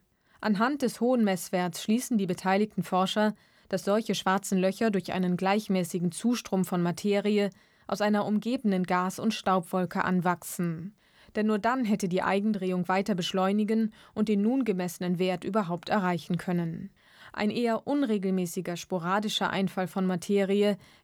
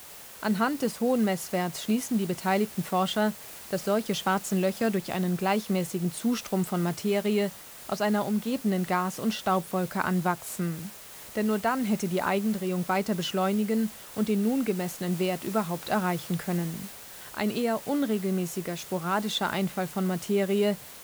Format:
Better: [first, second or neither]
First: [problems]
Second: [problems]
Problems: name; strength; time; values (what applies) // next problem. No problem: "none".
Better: first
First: none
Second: hiss; noticeable; throughout; 15 dB below the speech